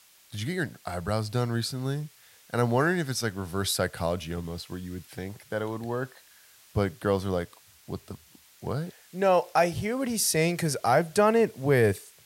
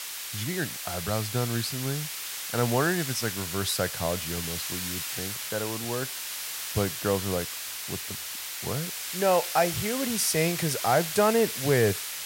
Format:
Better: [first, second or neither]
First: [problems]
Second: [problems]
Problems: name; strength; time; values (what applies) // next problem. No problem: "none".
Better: first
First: hiss; faint; throughout; 25 dB below the speech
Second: hiss; loud; throughout; 4 dB below the speech